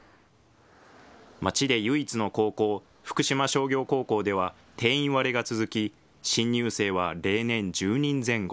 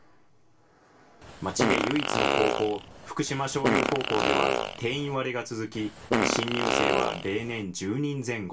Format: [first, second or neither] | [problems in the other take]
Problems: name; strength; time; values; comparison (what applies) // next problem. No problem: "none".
first | background sound (Fart); 3 dB above the speech // room echo; dies away in 0.2 s